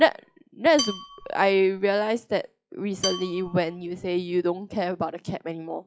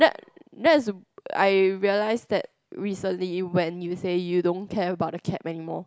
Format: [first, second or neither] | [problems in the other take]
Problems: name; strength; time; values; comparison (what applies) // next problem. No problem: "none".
second | noise reduction (classical method log-MMSE)